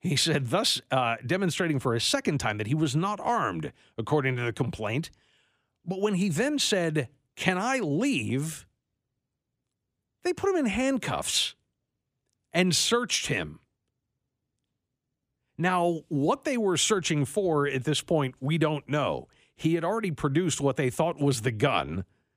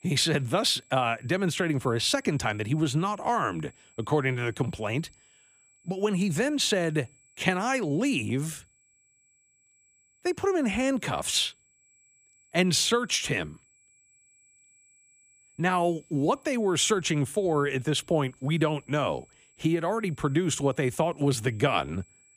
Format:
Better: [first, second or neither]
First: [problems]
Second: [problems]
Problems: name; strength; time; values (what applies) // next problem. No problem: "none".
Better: first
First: none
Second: high-pitched whine; faint; throughout; 8 kHz, 30 dB below the speech